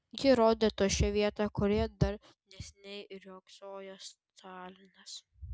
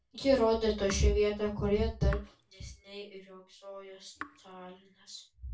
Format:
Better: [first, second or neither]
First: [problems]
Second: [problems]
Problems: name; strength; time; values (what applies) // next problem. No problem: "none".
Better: first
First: none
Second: background sound (Raindrop / Drip); 19 dB below the speech // room echo; dies away in 0.2 s